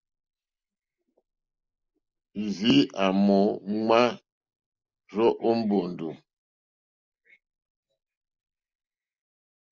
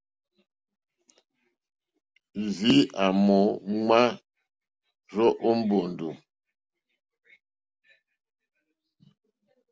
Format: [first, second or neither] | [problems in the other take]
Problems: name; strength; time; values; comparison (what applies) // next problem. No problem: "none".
second | noise reduction (neural mask model Resemble Enhance denoiser)